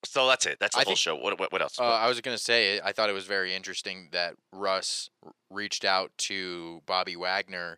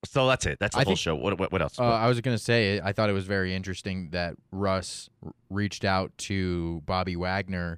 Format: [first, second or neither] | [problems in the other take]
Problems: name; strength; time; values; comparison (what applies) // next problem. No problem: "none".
second | thin; very; fading below 500 Hz